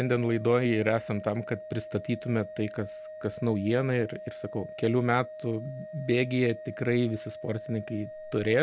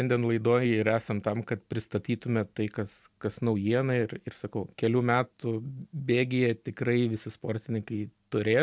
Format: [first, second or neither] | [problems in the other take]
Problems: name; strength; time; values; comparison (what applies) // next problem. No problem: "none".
second | background sound (Organ); 14 dB below the speech